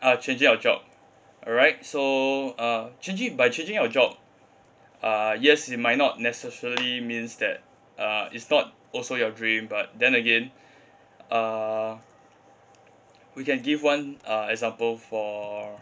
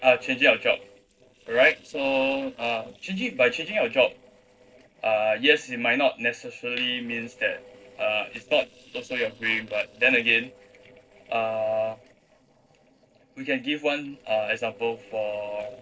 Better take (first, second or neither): first